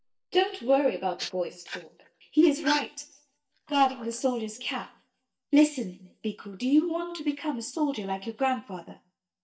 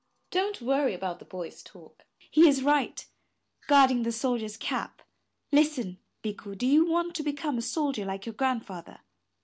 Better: second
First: noise reduction (neural mask model DeepFilterNet 3)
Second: none

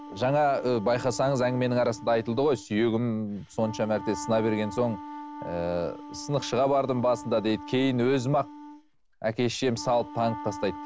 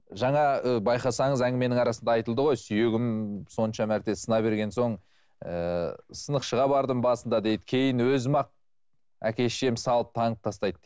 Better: second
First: background sound (Wind instrument, woodwind instrument); 14 dB below the speech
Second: none

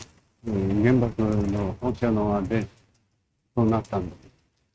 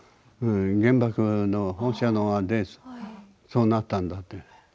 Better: second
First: noise reduction (neural mask model RNNoise)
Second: none

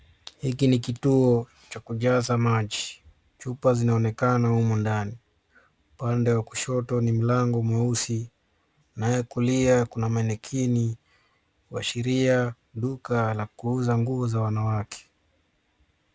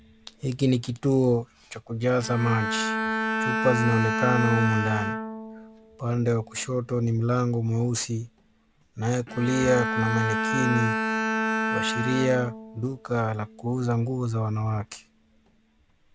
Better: first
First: none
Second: background sound (Bowed string instrument); 4 dB below the speech

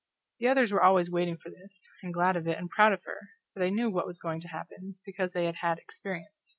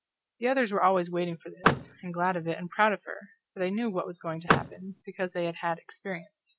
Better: first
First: none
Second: background sound (Vehicle); as loud as the speech

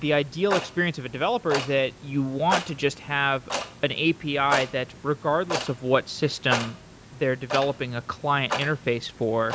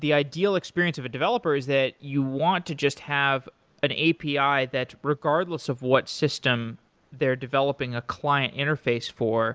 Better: second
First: background sound (Clock); 8 dB below the speech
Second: none

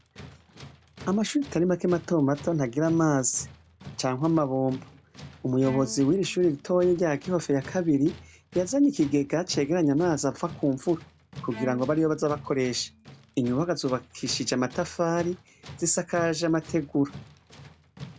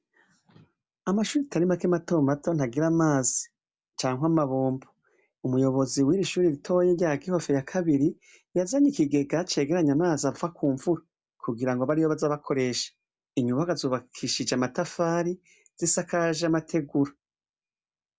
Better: second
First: background sound (Tools + Bowed string instrument); 18 dB below the speech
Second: none

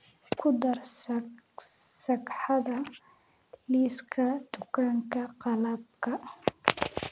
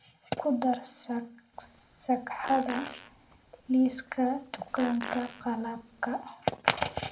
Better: first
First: none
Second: background sound (Fart); 14 dB below the speech // room echo; dies away in 0.3 s

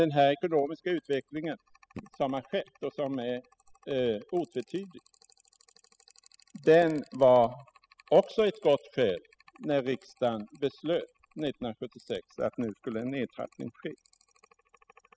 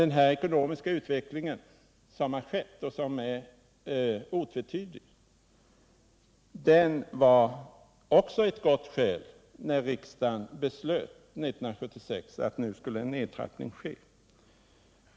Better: second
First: noise reduction (classical method spectral subtraction)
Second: none

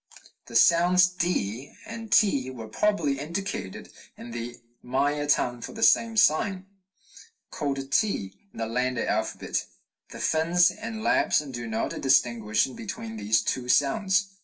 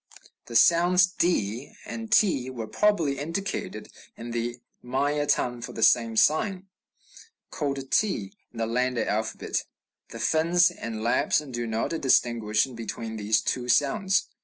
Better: second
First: room echo; dies away in 0.2 s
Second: none

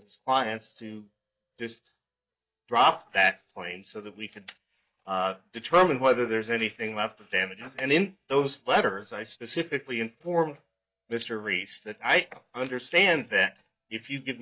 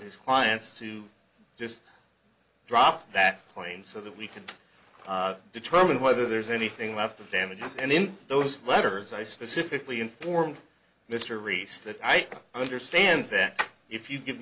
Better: second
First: noise reduction (neural mask model DeepFilterNet 3)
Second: none

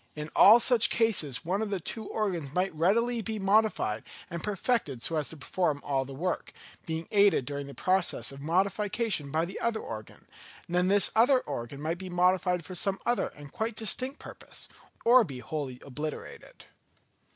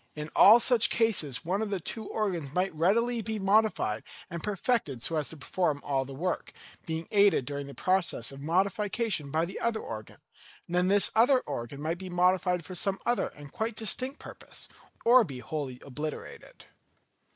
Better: first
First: none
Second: noise reduction (neural mask model Resemble Enhance denoiser)

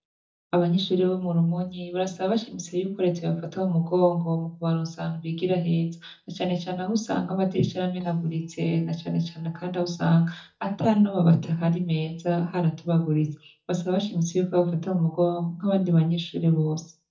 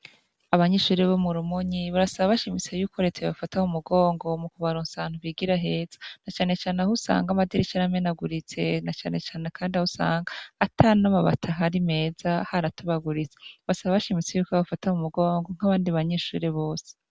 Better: second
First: noise reduction (neural mask model DeepFilterNet 3)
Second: none

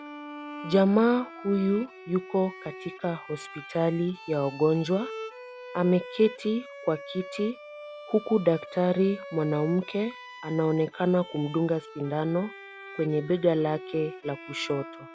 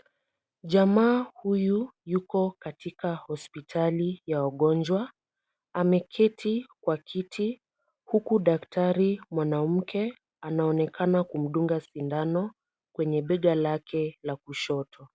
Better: second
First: background sound (Bowed string instrument); 15 dB below the speech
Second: none

